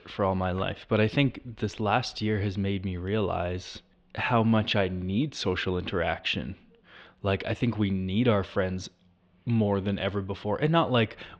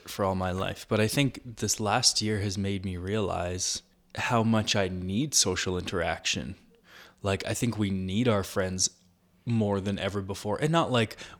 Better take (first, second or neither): second